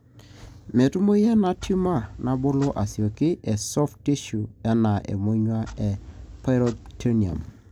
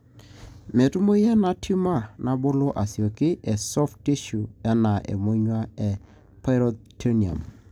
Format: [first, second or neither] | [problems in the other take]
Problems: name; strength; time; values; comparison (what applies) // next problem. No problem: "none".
second | background sound (Clock); 18 dB below the speech